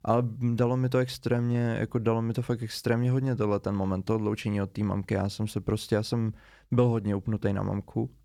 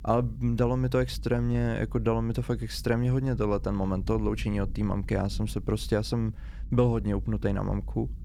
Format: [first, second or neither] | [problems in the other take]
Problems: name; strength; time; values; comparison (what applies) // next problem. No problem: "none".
first | low rumble; faint; throughout; 25 dB below the speech